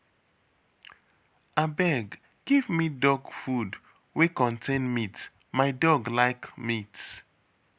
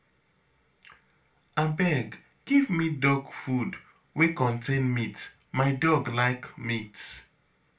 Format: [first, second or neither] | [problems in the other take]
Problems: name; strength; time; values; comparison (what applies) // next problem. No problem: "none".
first | room echo; dies away in 0.2 s